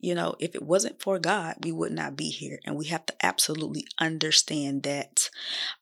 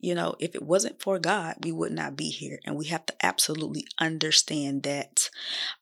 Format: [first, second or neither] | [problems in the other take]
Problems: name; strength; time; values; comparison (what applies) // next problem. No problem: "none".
neither | thin; very slightly; fading below 550 Hz; the same in both